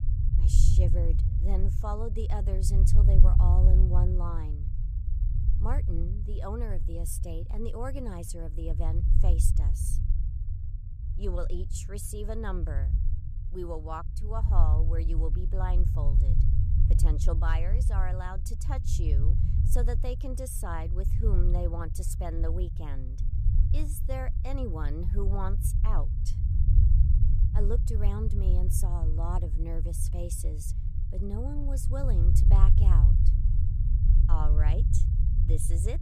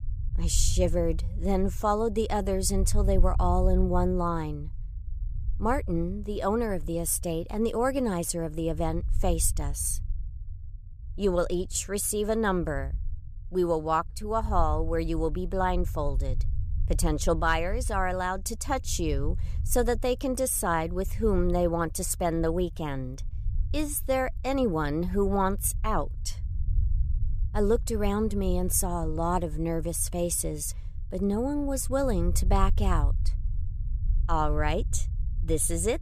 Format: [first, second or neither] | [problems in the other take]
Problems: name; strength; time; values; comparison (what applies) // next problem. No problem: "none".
second | low rumble; loud; throughout; 5 dB below the speech; faint in the second